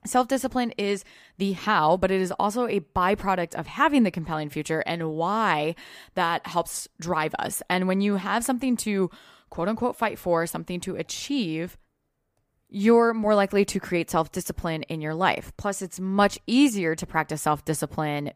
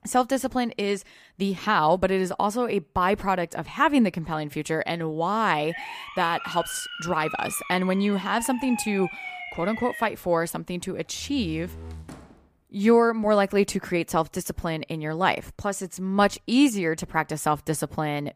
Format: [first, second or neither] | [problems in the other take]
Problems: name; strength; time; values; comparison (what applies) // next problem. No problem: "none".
first | siren; noticeable; from 5.5 to 10 s; peak 9 dB below the speech // door banging; faint; from 11 to 12 s; peak 15 dB below the speech